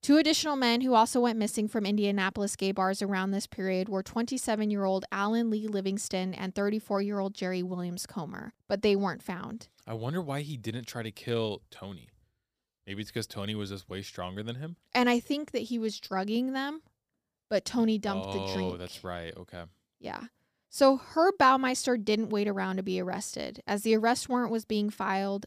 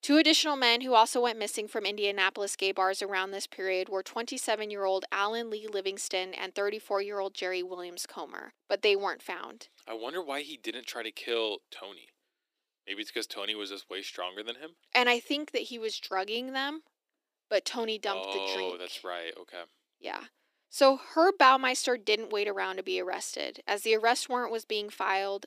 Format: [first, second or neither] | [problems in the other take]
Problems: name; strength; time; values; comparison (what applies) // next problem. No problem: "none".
first | thin; somewhat; fading below 300 Hz